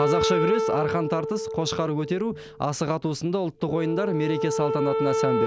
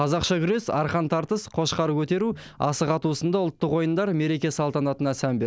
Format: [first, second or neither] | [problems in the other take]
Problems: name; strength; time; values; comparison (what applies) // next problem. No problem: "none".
second | background sound (Wind instrument, woodwind instrument); 1 dB below the speech